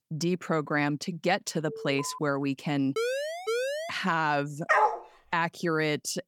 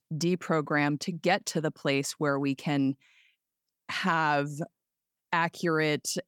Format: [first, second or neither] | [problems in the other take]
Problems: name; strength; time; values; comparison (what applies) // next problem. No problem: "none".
second | alarm; faint; at 1.5 s; peak 10 dB below the speech // siren; noticeable; at 3 s; peak 1 dB below the speech // dog barking; loud; at 4.5 s; peak 5 dB above the speech